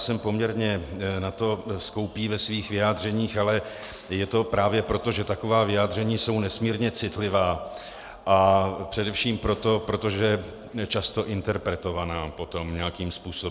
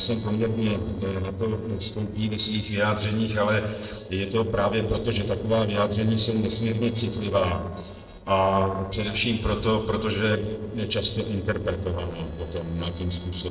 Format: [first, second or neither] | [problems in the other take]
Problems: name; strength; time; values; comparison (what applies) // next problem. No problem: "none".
first | noise reduction (neural separator model SepFormer DNS4)